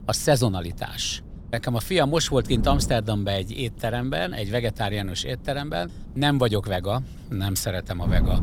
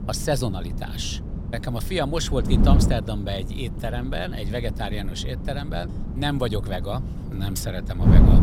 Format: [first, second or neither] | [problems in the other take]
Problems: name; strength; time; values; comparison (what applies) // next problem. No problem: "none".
first | wind noise on the microphone; heavy; 7 dB below the speech; occasional gusts in the first